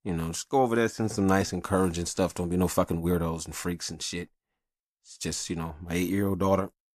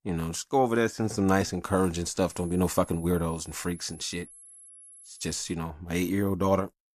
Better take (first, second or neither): first